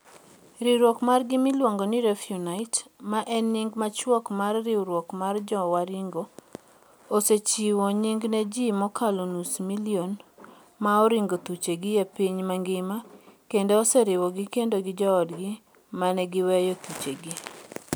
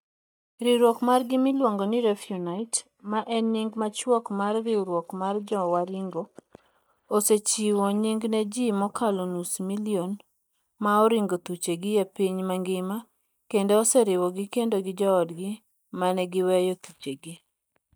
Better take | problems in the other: first | noise reduction (neural mask model DeepFilterNet 3)

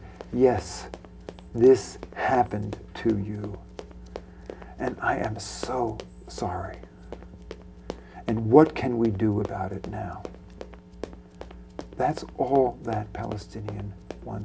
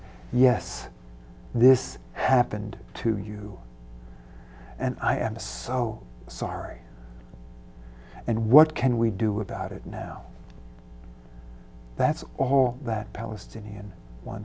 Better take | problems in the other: second | background sound (Run); 17 dB below the speech // room echo; dies away in 0.3 s

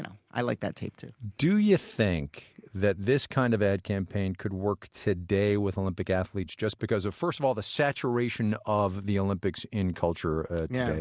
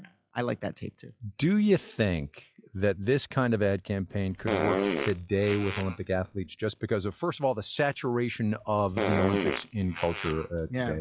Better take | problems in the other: first | noise reduction (classical method log-MMSE)

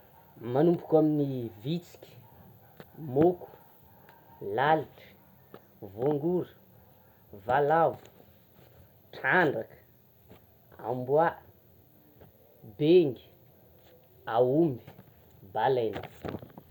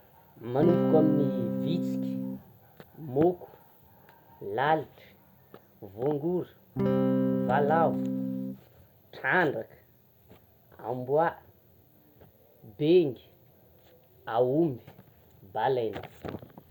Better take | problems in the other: first | background sound (Electric guitar / Strum); 3 dB above the speech

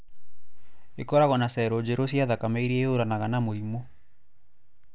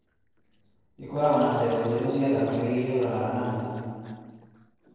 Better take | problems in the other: first | noise reduction (neural separator model SepFormer DNS4)

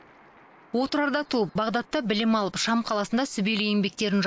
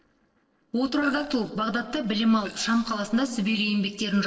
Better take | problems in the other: first | noise reduction (neural separator model SepFormer DNS4)

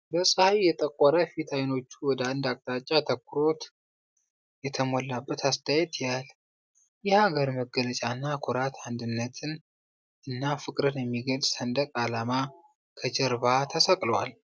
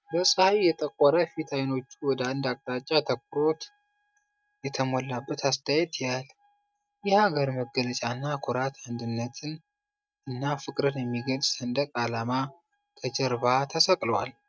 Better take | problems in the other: first | noise reduction (neural mask model RNNoise)

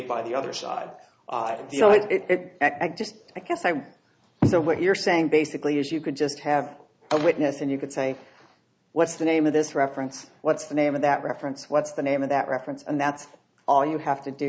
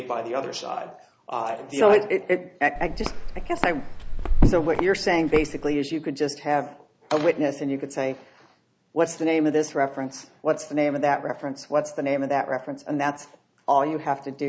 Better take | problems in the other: first | background sound (Walk, footsteps); as loud as the speech

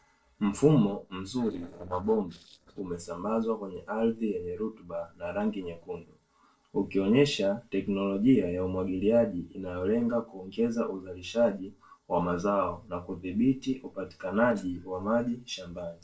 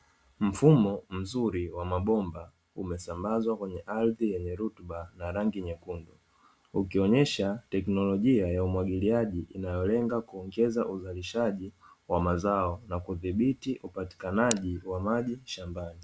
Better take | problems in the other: second | noise reduction (neural separator model SepFormer DNS4)

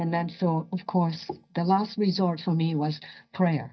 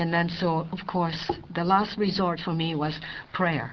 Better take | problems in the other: second | noise reduction (neural mask model DeepFilterNet 3)

